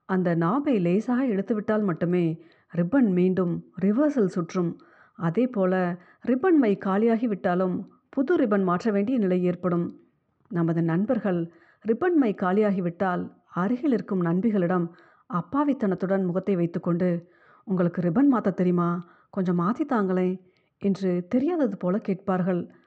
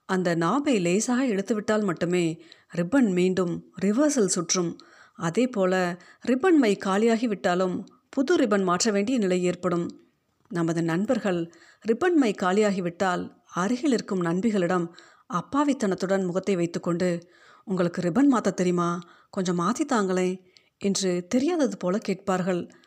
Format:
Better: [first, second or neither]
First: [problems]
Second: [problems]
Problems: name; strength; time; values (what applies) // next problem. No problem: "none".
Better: second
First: muffled; very; fading above 1.5 kHz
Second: none